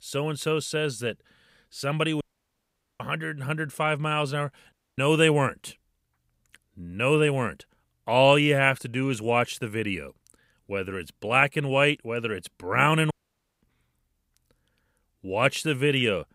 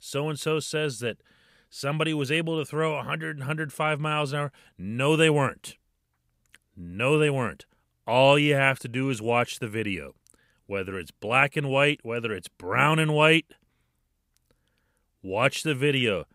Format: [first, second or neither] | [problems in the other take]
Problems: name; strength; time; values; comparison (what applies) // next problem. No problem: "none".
second | audio cutting out; at 2 s for 1 s, at 4.5 s and at 13 s for 0.5 s